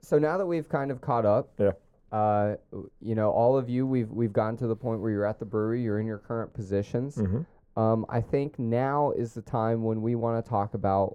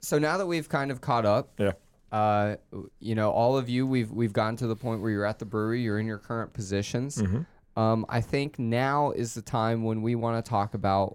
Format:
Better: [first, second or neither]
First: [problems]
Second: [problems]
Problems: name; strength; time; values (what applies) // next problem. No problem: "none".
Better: second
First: muffled; very; fading above 2 kHz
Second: none